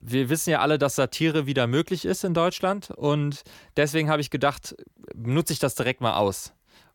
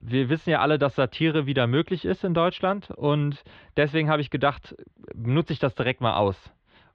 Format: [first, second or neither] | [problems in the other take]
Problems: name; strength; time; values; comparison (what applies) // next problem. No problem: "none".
first | muffled; very; fading above 3.5 kHz